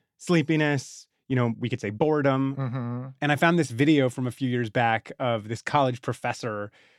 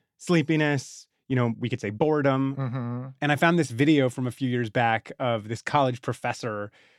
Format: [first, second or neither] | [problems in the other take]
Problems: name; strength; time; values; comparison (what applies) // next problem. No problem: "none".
neither | none